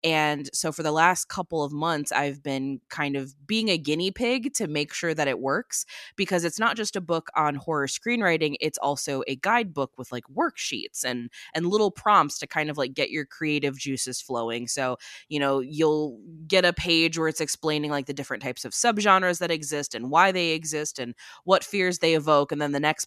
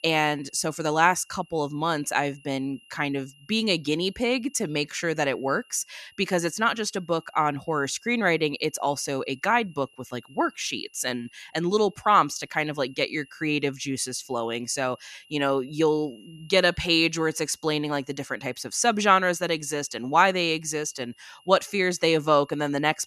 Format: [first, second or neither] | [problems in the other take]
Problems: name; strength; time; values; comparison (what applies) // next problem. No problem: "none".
first | high-pitched whine; faint; throughout; 3 kHz, 30 dB below the speech